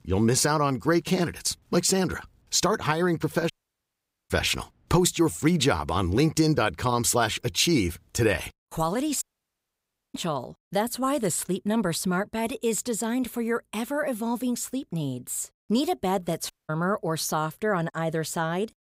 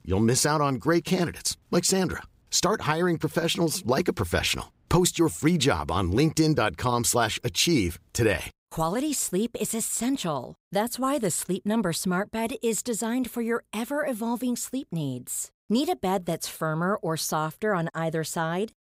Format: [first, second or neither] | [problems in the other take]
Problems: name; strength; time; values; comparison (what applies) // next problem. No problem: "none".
second | audio cutting out; at 3.5 s for 1 s, at 9 s for 1 s and at 17 s